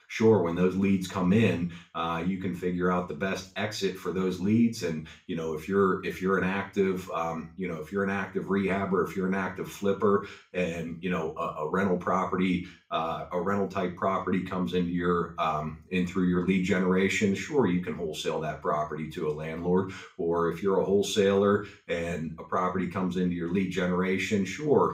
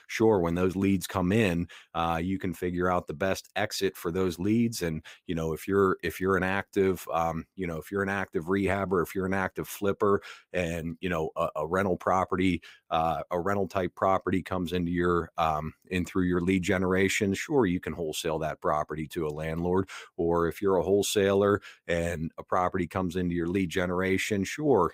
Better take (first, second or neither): second